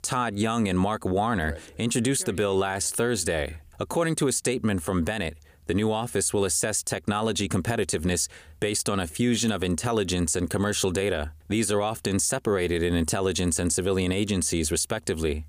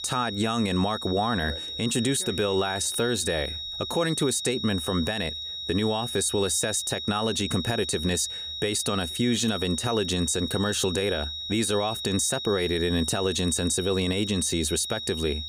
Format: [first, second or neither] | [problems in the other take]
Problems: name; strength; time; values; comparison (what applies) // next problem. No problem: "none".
first | high-pitched whine; loud; throughout; 4 kHz, 6 dB below the speech